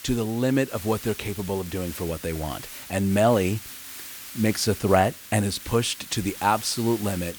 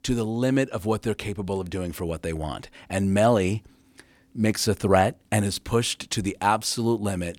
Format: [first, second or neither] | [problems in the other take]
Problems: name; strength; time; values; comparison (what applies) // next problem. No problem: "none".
second | hiss; noticeable; throughout; 15 dB below the speech